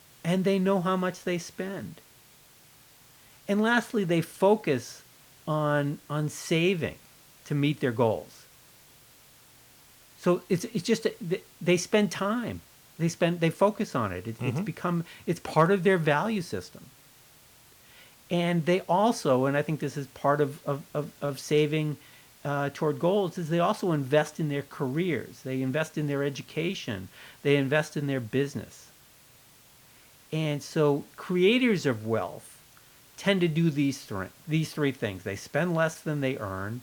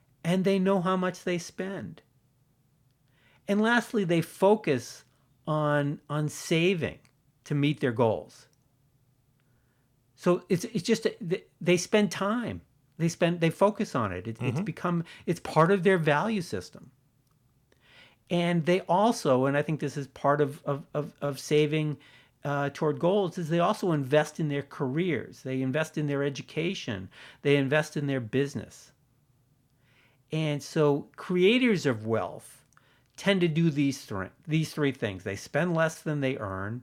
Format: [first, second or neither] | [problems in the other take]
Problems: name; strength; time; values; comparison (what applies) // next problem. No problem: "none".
second | hiss; faint; throughout; 25 dB below the speech